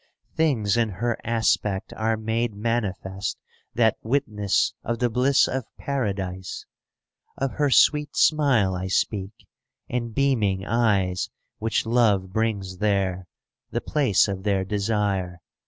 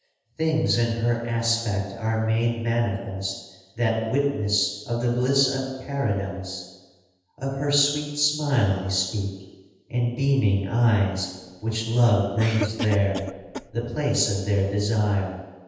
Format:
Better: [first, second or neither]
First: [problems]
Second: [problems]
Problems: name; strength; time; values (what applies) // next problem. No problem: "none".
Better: first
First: none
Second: background sound (Cough); 11 dB below the speech // room echo; dies away in 1.1 s